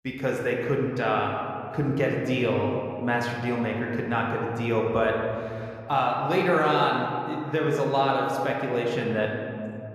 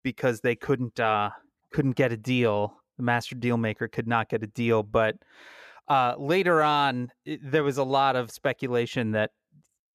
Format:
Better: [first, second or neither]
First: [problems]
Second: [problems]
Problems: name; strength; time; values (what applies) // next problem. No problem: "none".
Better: second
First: room echo; noticeable; dies away in 2.3 s // off-mic speech; somewhat distant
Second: none